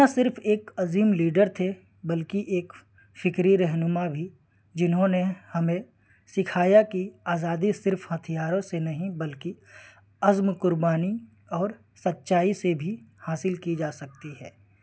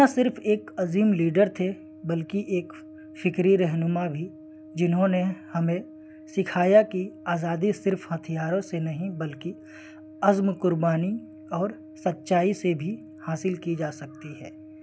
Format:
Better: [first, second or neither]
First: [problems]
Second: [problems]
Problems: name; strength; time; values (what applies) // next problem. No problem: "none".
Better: first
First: none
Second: background sound (Brass instrument); 19 dB below the speech